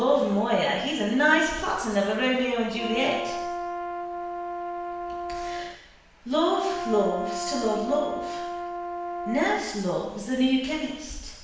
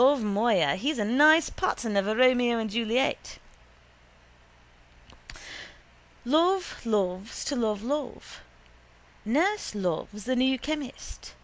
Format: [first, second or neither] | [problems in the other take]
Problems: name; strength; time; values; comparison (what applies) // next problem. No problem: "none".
second | background sound (Brass instrument); 6 dB below the speech // room echo; dies away in 0.9 s